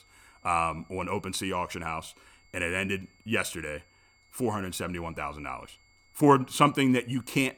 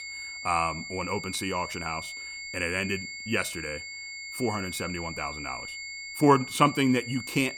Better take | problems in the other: first | high-pitched whine; loud; throughout; 2 kHz, 8 dB below the speech; faint in the first

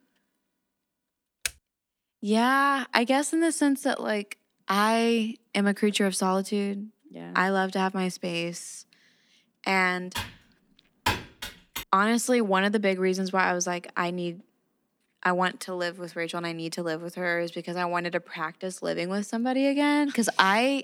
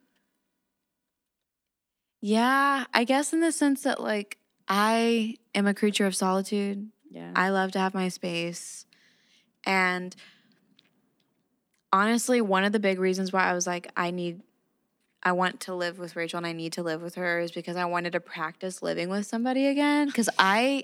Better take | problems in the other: second | keyboard typing; very faint; at 1.5 s; peak 8 dB below the speech // keyboard typing; noticeable; from 10 to 12 s; peak 3 dB below the speech

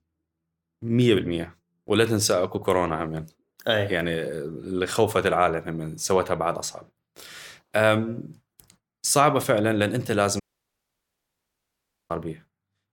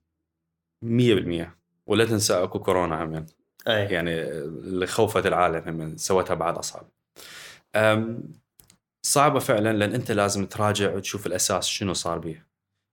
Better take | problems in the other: second | audio cutting out; at 10 s for 1.5 s

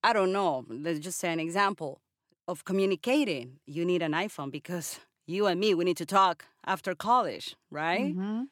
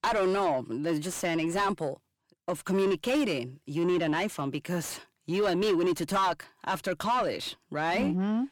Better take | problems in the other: first | distortion; heavy; 7 dB below the speech

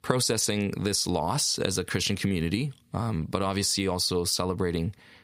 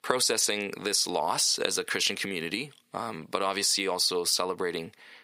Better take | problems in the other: first | thin; somewhat; fading below 400 Hz

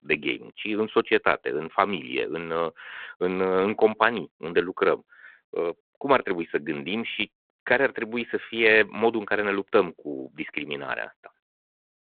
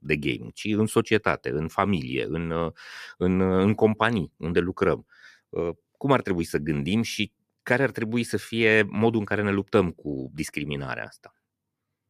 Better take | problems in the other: second | phone-call audio; nothing above 3.5 kHz

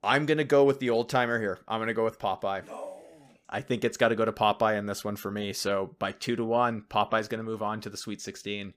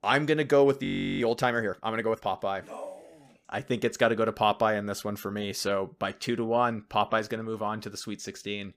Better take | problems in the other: first | audio freezing; at 1 s

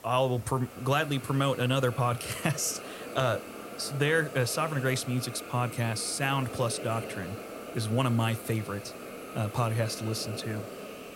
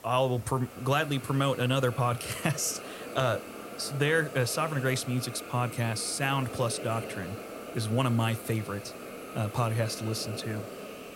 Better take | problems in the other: neither | hiss; noticeable; throughout; 10 dB below the speech; the same in both

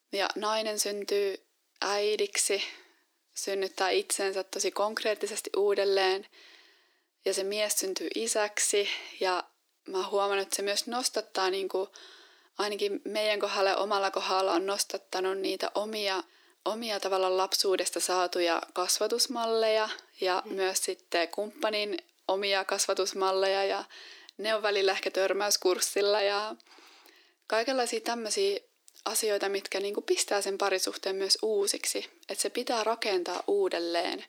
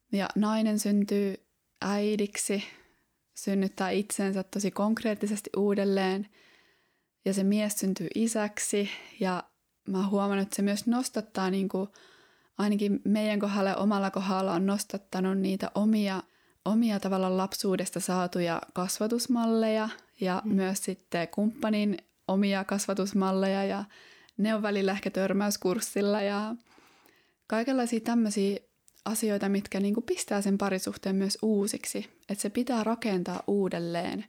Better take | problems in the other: second | thin; very; fading below 300 Hz

